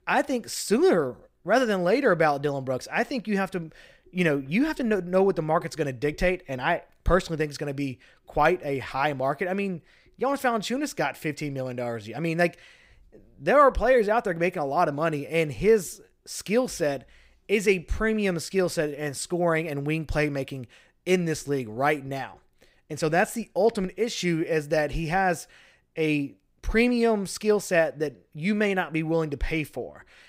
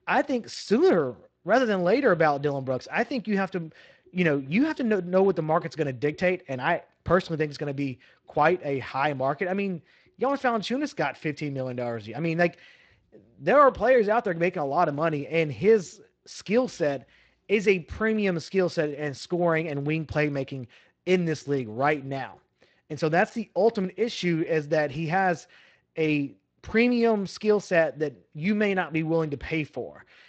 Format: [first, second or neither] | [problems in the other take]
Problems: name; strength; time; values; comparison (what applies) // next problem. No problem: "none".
first | garbled, watery; slightly; nothing above 7.5 kHz